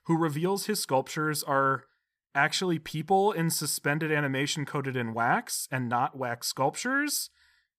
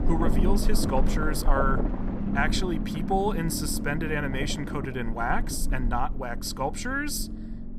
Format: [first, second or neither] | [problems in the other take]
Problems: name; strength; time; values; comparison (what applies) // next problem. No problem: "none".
first | low rumble; loud; throughout; 8 dB below the speech